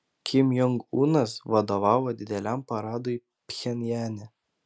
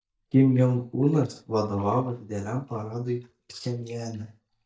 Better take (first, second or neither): first